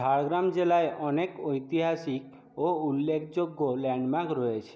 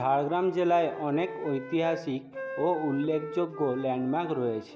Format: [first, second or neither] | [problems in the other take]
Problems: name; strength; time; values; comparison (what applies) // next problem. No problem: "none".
first | background sound (Wind instrument, woodwind instrument); 13 dB below the speech